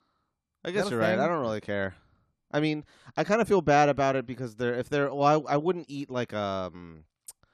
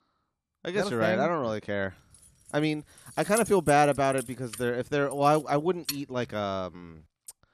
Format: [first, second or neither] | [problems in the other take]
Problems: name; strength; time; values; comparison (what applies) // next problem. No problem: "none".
first | jangling keys; noticeable; from 2.5 to 6 s; peak 6 dB below the speech